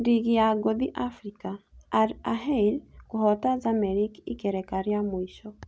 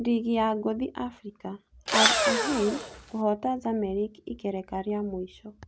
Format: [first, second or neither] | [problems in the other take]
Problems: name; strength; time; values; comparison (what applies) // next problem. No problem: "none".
first | background sound (Engine / Drill); 3 dB above the speech